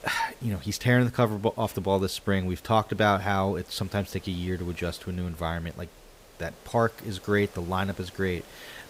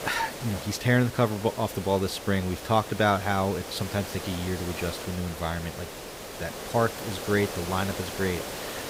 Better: first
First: hiss; faint; throughout; 25 dB below the speech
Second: hiss; loud; throughout; 8 dB below the speech

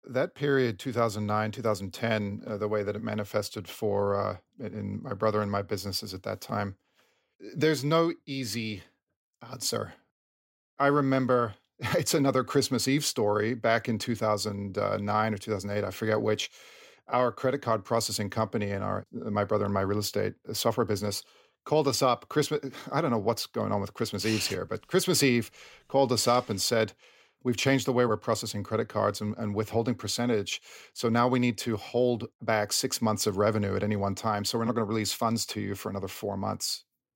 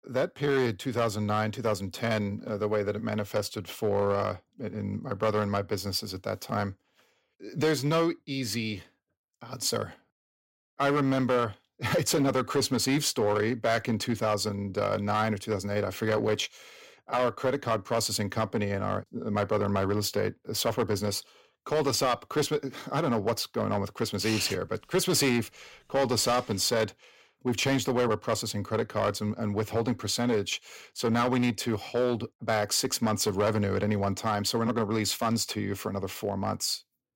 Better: first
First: none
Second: distortion; slight; 5% of the sound clipped

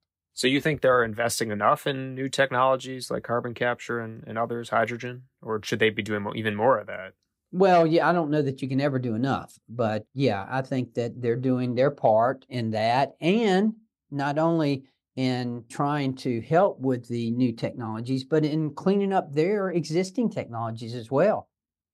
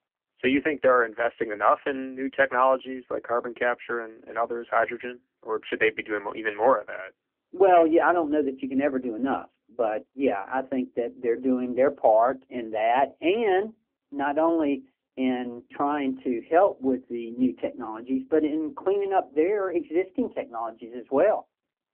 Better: first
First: none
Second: phone-call audio; poor line; nothing above 3 kHz

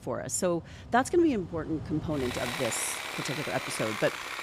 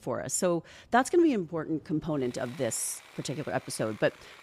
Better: second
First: machinery noise; loud; throughout; 5 dB below the speech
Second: machinery noise; faint; throughout; 20 dB below the speech

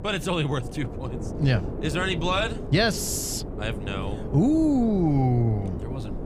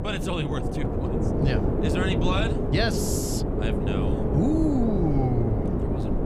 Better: first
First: wind noise on the microphone; occasional gusts; 10 dB below the speech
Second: wind noise on the microphone; heavy; as loud as the speech

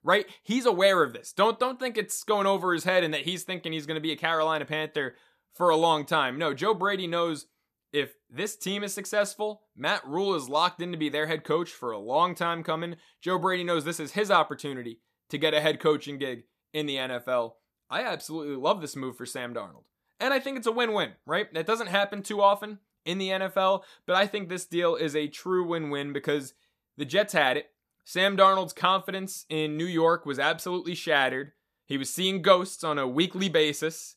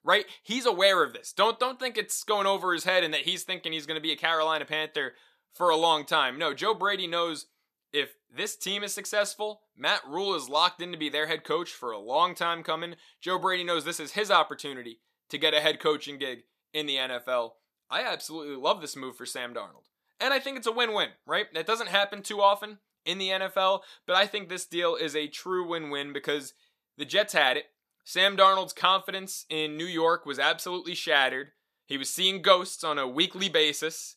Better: first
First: none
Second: thin; very slightly; fading below 500 Hz

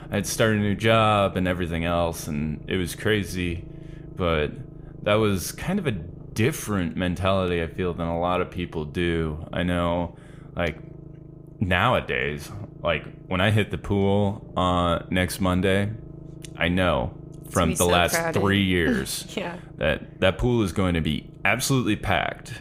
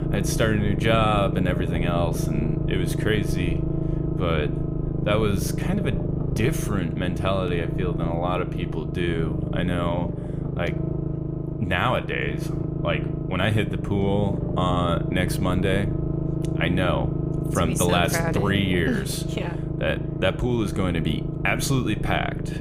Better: first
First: low rumble; faint; throughout; 25 dB below the speech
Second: low rumble; loud; throughout; 7 dB below the speech

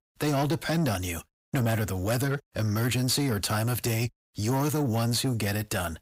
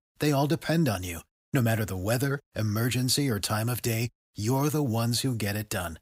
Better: second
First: distortion; slight; 10 dB below the speech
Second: none

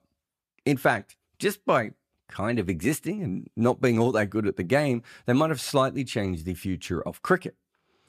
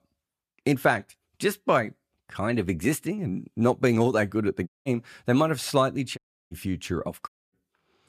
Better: first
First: none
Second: audio cutting out; at 4.5 s, at 6 s and at 7.5 s

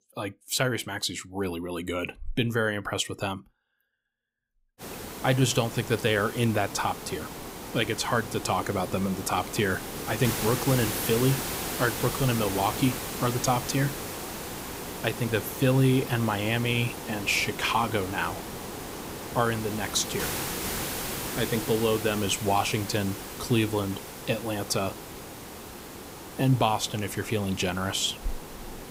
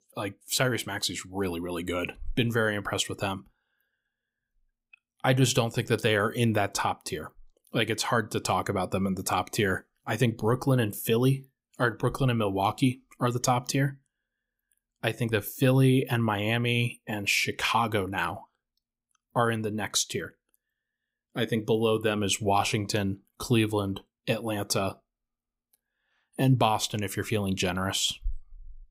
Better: second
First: hiss; loud; from 5 s on; 7 dB below the speech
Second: none

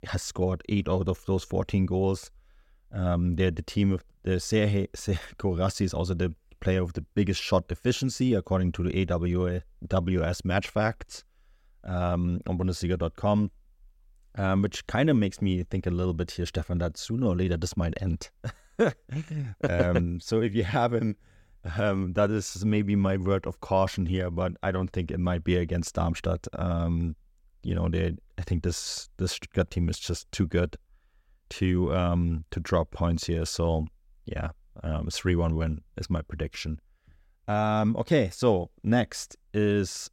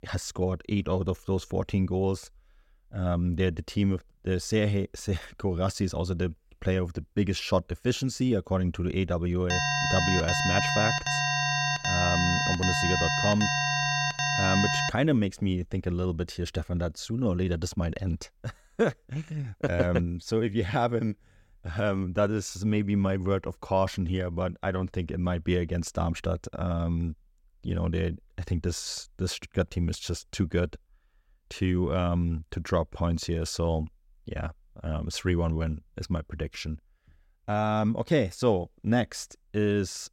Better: first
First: none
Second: alarm; loud; from 9.5 to 15 s; peak 4 dB above the speech

